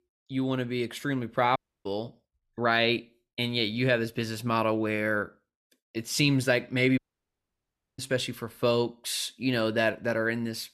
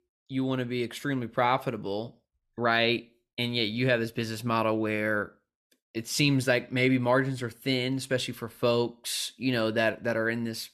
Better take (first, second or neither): second